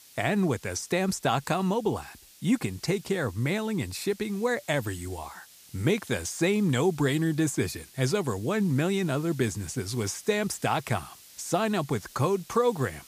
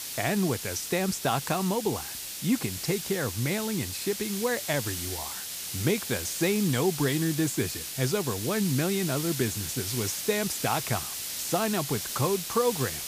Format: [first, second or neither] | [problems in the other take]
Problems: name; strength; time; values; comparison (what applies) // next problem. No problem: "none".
first | hiss; loud; throughout; 4 dB below the speech; faint in the first